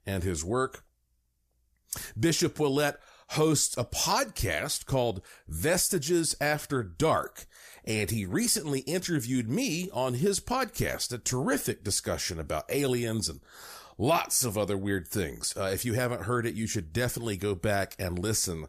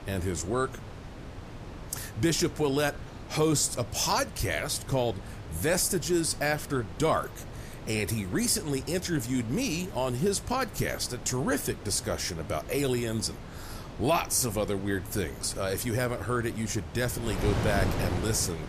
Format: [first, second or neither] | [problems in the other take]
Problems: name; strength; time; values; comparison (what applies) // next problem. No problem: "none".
first | wind noise on the microphone; occasional gusts; 15 dB below the speech